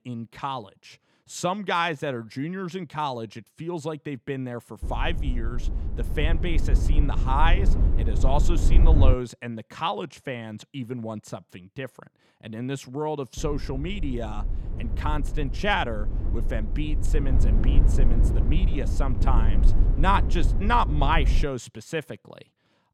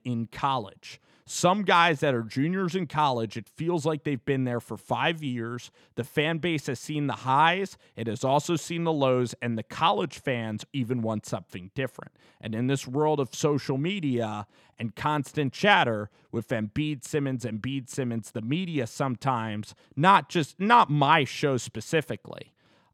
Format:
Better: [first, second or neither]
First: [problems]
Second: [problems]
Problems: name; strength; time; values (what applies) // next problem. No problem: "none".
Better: second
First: low rumble; noticeable; from 5 to 9 s and from 13 to 21 s; 10 dB below the speech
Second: none